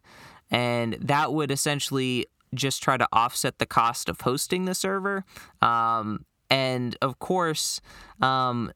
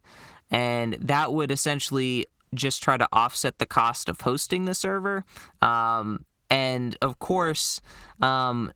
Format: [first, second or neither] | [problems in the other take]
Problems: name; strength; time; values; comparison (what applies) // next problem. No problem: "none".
first | garbled, watery; slightly